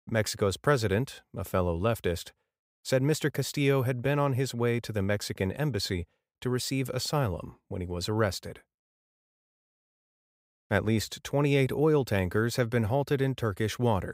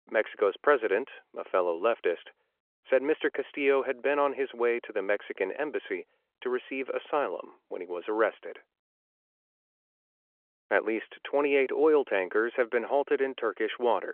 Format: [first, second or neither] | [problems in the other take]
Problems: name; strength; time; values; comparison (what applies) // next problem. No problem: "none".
first | phone-call audio